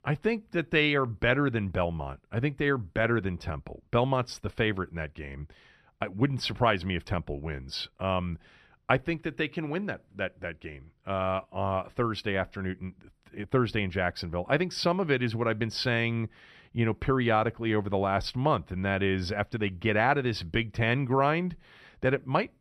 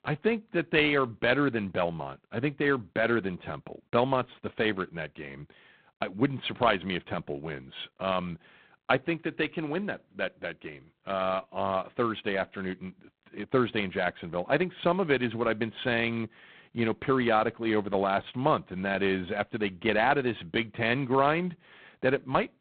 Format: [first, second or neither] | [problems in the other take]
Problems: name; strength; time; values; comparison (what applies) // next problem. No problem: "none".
first | phone-call audio; poor line; nothing above 4 kHz